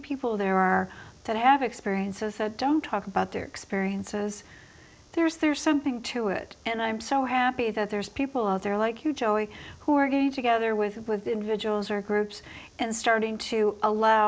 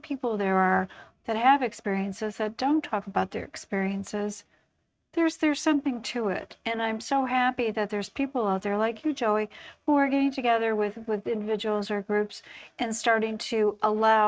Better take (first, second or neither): first